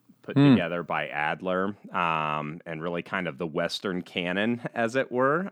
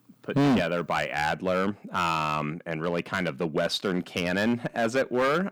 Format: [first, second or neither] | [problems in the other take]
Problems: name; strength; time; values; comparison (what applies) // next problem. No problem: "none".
first | distortion; heavy; 8% of the sound clipped